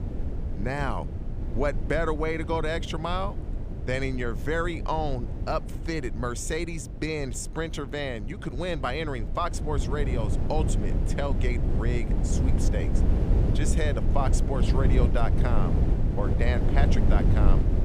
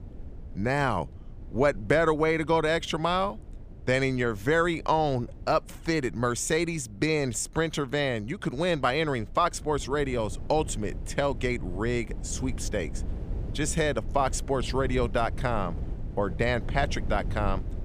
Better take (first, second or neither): second